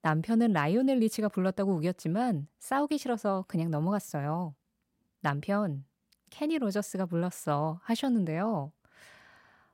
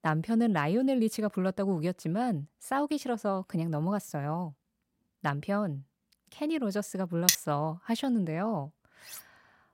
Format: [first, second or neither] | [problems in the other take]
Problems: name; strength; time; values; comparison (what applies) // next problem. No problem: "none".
first | clattering dishes; loud; at 7.5 s; peak 6 dB above the speech // clattering dishes; faint; at 9 s; peak 15 dB below the speech